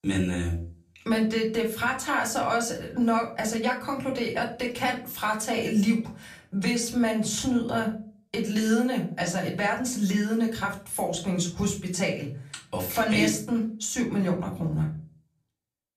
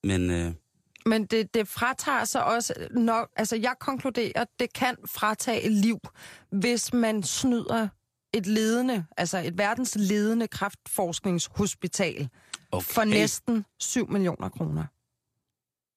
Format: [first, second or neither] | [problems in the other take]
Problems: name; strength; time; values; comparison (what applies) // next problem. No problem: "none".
second | off-mic speech; far // room echo; very slight; dies away in 0.3 s